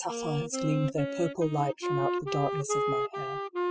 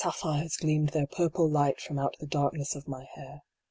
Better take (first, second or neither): second